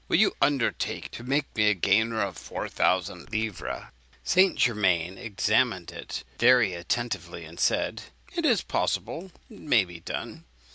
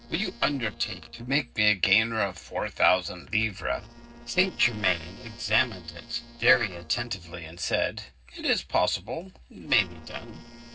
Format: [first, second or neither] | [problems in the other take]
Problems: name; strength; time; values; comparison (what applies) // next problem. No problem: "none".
first | noise reduction (neural separator model SepFormer DNS4)